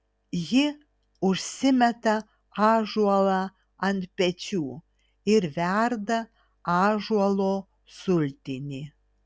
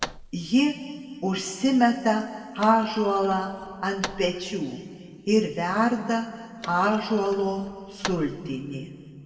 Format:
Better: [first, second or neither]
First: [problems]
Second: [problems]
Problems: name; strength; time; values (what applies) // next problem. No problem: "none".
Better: first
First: none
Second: background sound (Thump, thud); 16 dB below the speech // room echo; dies away in 1.9 s